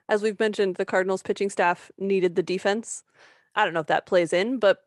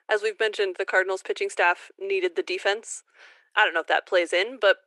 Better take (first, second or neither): first